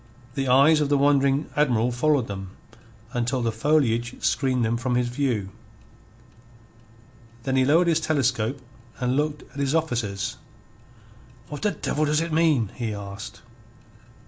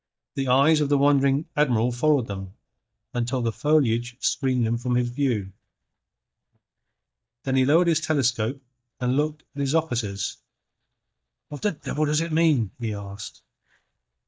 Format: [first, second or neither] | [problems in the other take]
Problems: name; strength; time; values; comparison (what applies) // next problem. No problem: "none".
first | noise reduction (neural mask model DeepFilterNet 3)